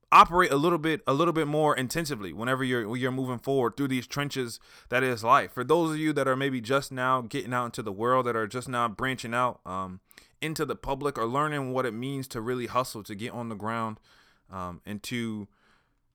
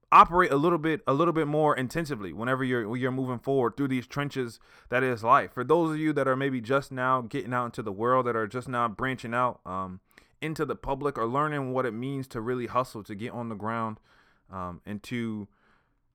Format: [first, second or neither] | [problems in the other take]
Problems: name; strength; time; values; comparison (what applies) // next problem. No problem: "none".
first | muffled; slightly; fading above 3 kHz